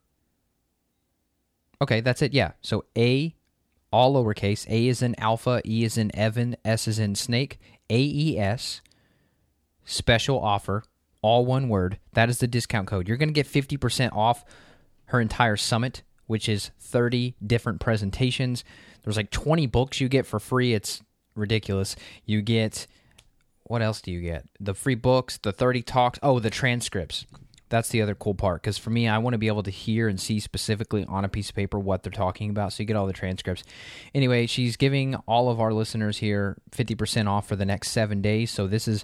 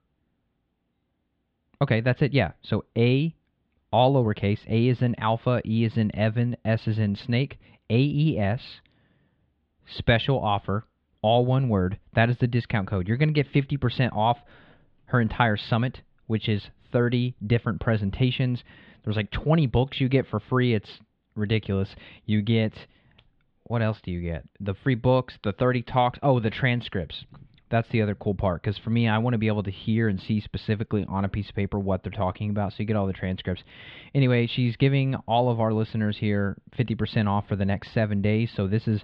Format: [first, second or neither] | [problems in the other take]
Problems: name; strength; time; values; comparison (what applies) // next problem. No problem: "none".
first | muffled; slightly; fading above 3.5 kHz